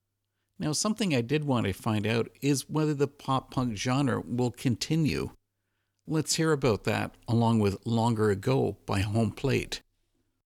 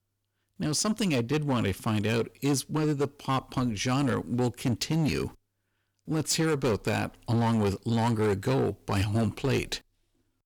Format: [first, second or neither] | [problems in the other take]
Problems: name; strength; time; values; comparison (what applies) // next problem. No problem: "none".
first | distortion; slight; 11% of the sound clipped